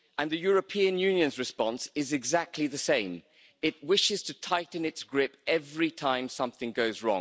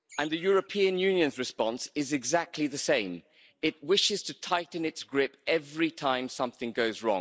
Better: first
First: none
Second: noise reduction (neural mask model Resemble Enhance denoiser)

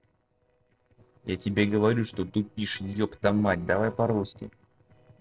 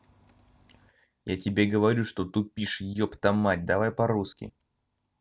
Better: second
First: noise reduction (neural separator model SepFormer DNS4)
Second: none

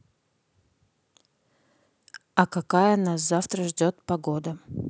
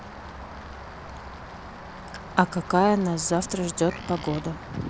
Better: first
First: none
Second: background sound (Livestock, farm animals, working animals + Rain); 12 dB below the speech

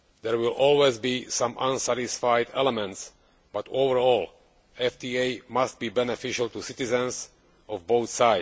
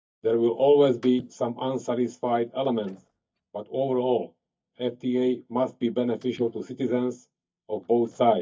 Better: first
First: none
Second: noise reduction (neural mask model DeepFilterNet 3)

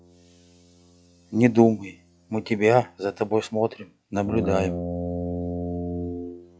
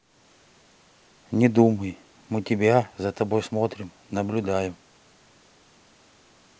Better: second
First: noise reduction (classical method log-MMSE)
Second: none

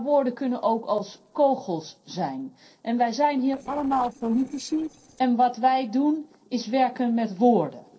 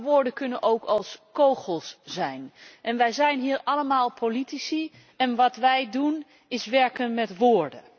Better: second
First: noise reduction (neural separator model SepFormer DNS4)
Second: none

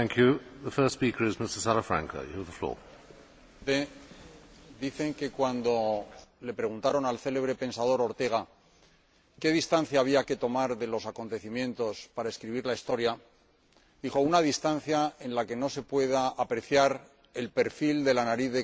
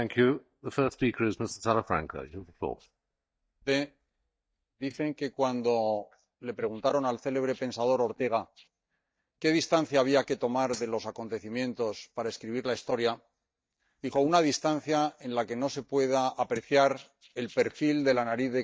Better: first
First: none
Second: noise reduction (neural mask model DeepFilterNet 3)

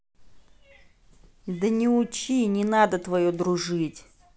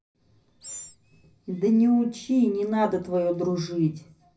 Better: first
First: none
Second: background sound (Animal); 19 dB below the speech // room echo; dies away in 0.4 s

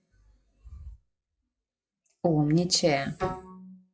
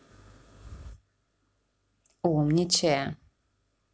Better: second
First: noise reduction (classical method WPE with log-MMSE)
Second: none

